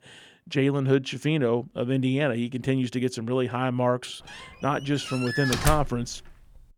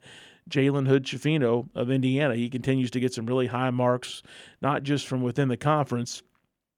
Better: second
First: door banging; noticeable; at 5 s; peak level with the speech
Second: none

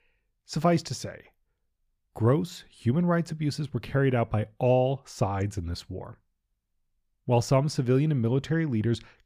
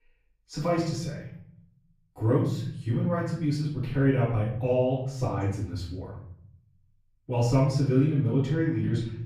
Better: first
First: none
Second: off-mic speech; far // room echo; noticeable; dies away in 0.8 s

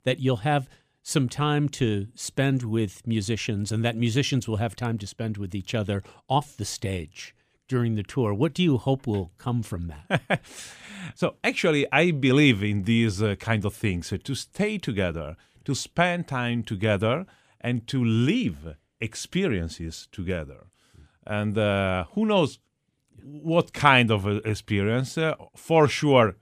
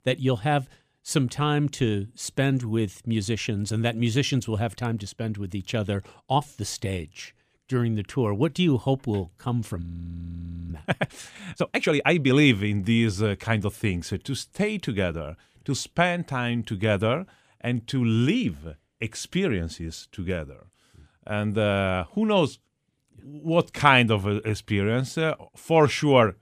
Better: first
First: none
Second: audio freezing; at 10 s for 1 s

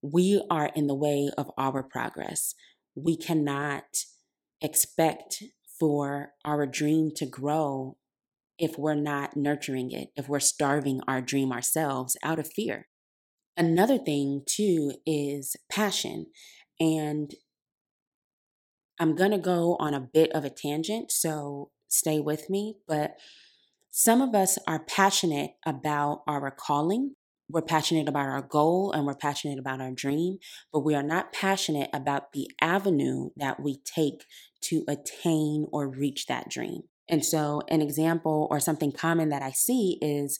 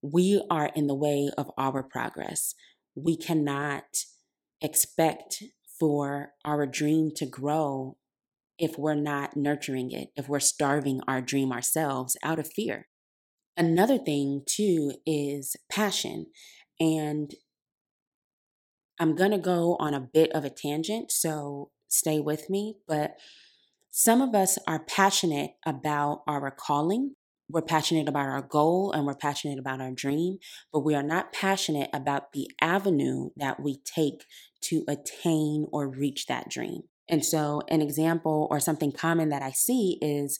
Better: neither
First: none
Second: none

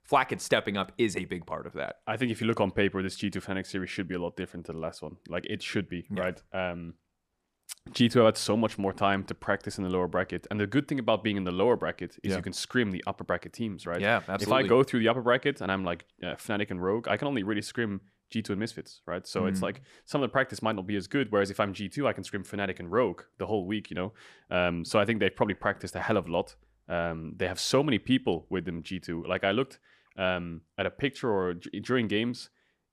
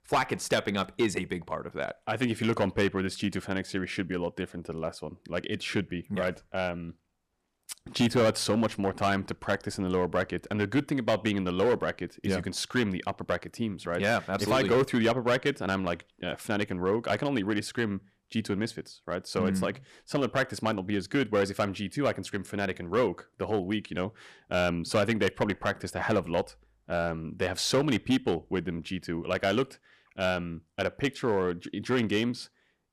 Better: first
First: none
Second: distortion; slight; 3% of the sound clipped

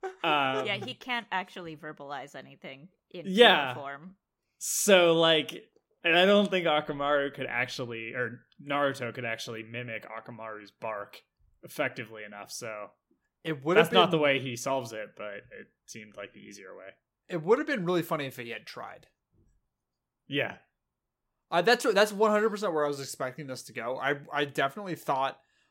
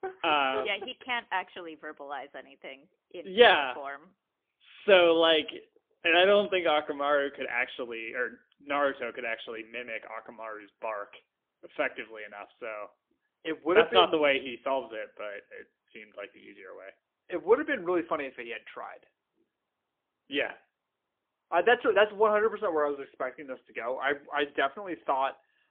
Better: first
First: none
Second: phone-call audio; poor line; nothing above 3.5 kHz

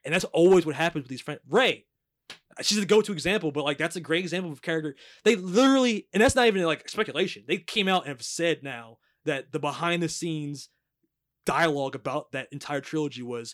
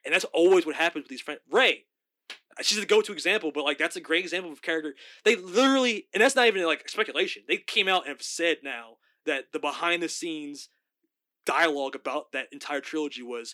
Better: first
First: none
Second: thin; very slightly; fading below 250 Hz

